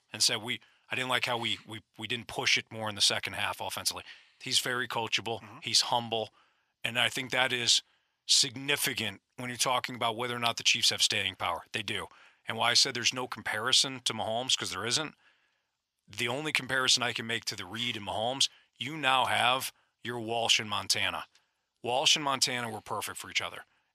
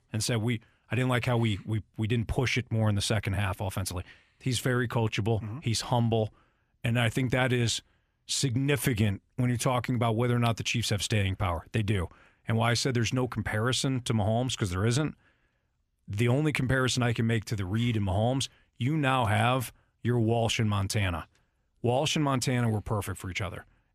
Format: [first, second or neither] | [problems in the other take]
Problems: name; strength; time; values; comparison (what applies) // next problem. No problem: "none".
second | thin; somewhat; fading below 1 kHz